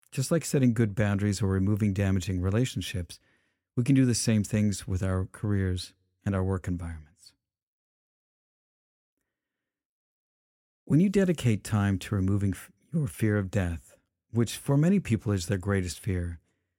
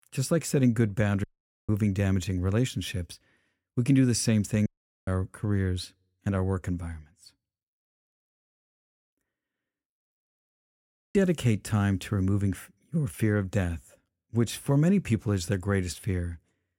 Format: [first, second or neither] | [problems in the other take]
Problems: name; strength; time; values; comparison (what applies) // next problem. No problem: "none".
first | audio cutting out; at 1 s, at 4.5 s and at 11 s